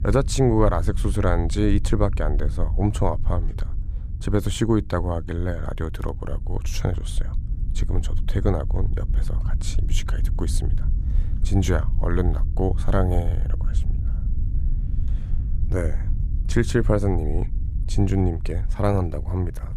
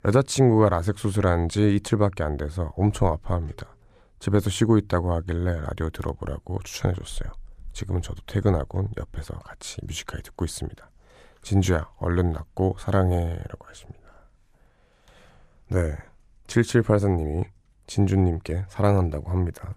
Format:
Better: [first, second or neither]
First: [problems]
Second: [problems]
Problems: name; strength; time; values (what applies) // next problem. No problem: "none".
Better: second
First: low rumble; noticeable; throughout; 15 dB below the speech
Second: none